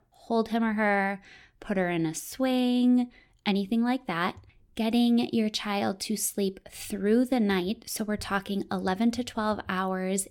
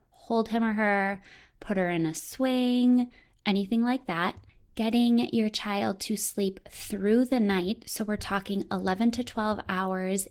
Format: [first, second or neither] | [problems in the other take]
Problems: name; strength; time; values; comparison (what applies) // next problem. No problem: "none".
first | garbled, watery; slightly; nothing above 17 kHz